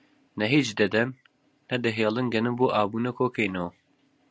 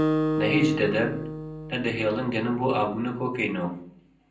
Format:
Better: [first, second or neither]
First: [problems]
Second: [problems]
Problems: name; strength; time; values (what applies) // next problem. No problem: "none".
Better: first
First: none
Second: background sound (Acoustic guitar); 4 dB below the speech // room echo; dies away in 0.6 s